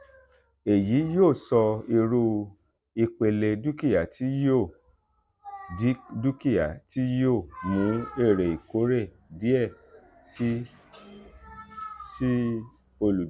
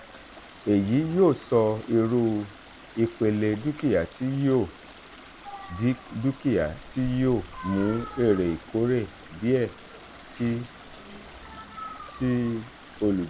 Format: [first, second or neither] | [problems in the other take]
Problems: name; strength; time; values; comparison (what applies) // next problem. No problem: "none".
first | background sound (Stream); 19 dB below the speech